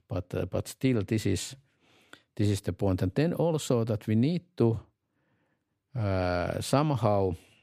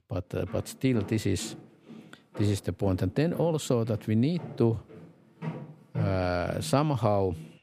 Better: first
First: none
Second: footsteps; noticeable; peak 7 dB below the speech

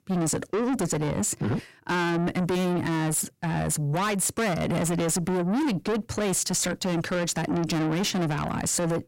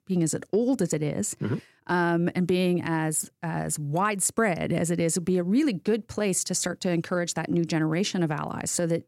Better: second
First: distortion; heavy; 6 dB below the speech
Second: none

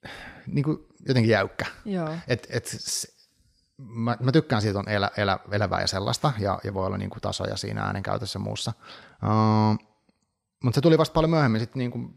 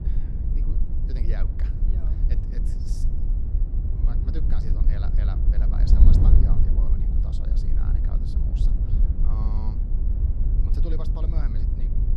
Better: first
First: none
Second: wind noise on the microphone; heavy; 3 dB above the speech

